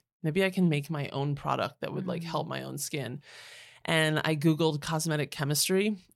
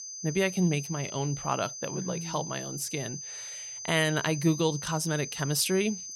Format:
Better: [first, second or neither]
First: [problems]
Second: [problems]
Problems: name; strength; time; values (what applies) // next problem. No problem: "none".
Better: first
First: none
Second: high-pitched whine; loud; throughout; 6 kHz, 8 dB below the speech